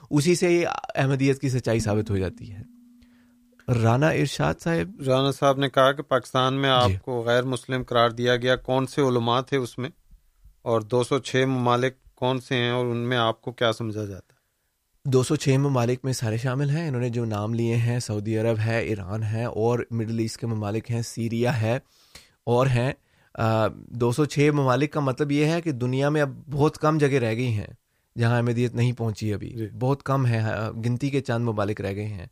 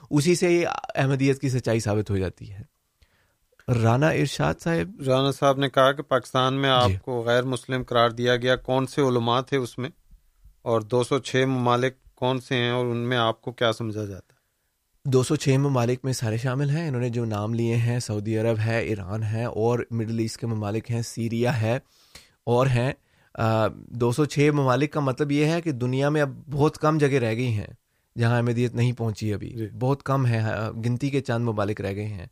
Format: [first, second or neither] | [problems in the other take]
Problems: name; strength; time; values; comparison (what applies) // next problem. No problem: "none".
second | clattering dishes; faint; at 2 s; peak 10 dB below the speech